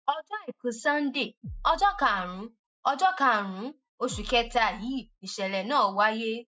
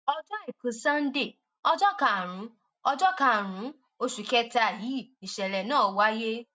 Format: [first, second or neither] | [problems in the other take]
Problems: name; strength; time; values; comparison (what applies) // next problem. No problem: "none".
second | noise reduction (classical method Wiener filter)